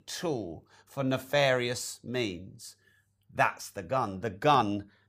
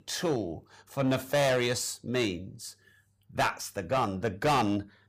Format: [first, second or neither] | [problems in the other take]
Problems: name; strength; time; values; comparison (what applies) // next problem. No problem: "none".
first | distortion; heavy; 7% of the sound clipped